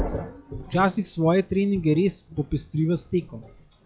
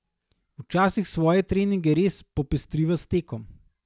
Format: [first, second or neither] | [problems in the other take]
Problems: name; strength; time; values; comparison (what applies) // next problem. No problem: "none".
second | noise reduction (classical method log-MMSE)